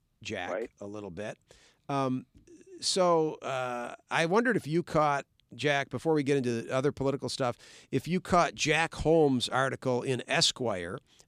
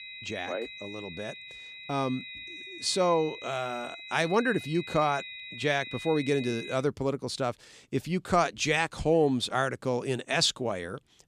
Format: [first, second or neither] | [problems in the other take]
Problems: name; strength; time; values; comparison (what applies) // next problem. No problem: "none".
first | high-pitched whine; noticeable; until 7 s; 2.5 kHz, 10 dB below the speech